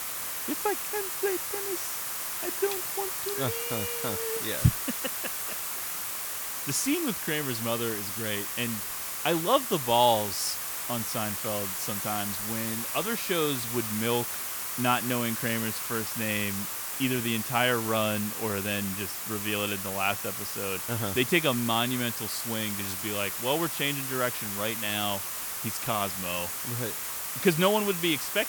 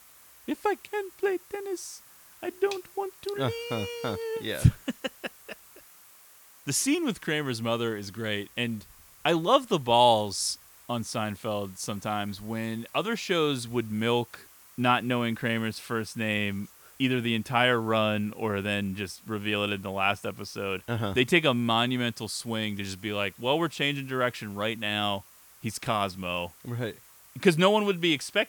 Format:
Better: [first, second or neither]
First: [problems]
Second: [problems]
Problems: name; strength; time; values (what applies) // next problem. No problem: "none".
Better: second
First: hiss; loud; throughout; 1 dB below the speech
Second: hiss; faint; throughout; 25 dB below the speech